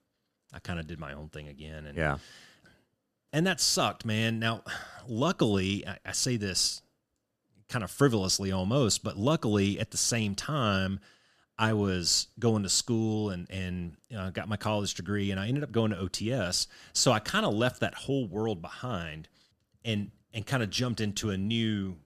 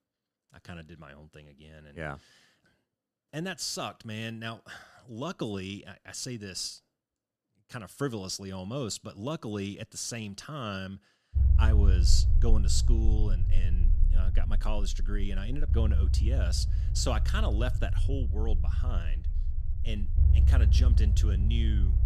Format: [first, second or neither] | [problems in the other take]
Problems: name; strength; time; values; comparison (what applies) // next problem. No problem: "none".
first | low rumble; loud; from 11 s on; 8 dB below the speech